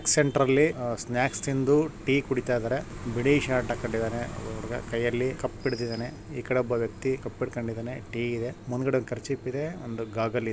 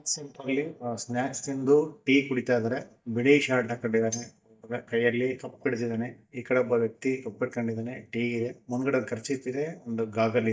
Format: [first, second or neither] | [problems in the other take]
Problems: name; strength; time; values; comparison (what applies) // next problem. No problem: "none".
first | noise reduction (neural mask model DeepFilterNet 3)